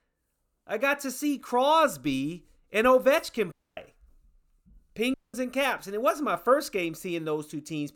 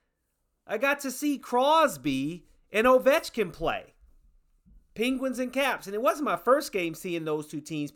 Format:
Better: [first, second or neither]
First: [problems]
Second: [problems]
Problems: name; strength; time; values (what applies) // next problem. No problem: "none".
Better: second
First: audio cutting out; at 3.5 s and at 5 s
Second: none